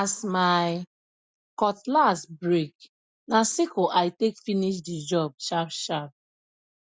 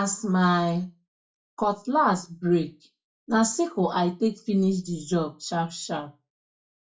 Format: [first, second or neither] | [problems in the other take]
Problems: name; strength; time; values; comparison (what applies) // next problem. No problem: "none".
first | room echo; dies away in 0.2 s